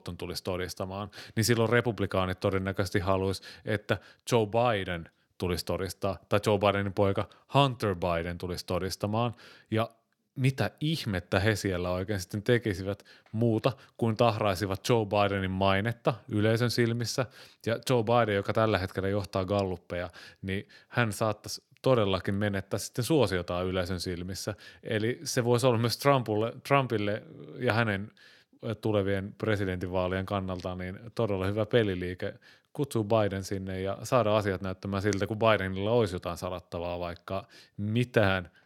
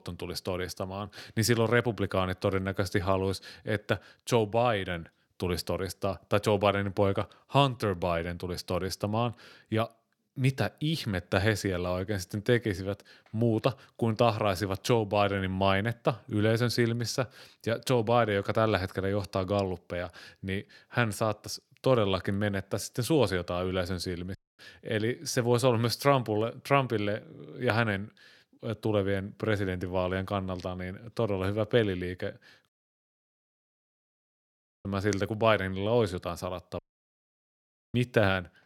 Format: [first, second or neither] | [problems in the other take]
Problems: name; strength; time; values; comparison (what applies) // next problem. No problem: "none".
first | audio cutting out; at 24 s, at 33 s for 2 s and at 37 s for 1 s